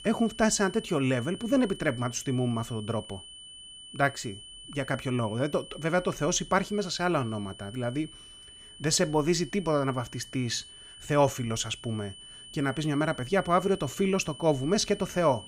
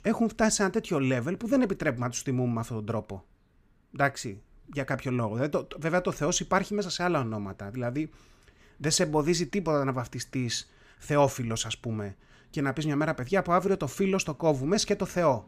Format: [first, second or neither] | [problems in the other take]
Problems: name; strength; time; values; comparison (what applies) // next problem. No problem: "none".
second | high-pitched whine; noticeable; throughout; 3 kHz, 15 dB below the speech